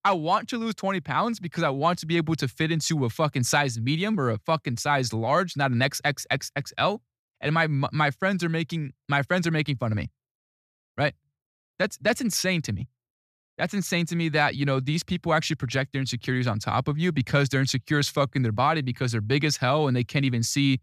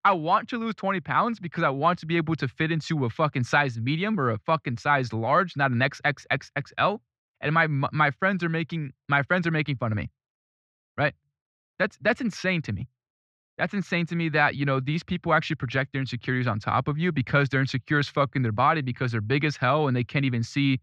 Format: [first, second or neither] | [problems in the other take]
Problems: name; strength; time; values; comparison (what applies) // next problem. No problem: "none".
first | muffled; slightly; fading above 2.5 kHz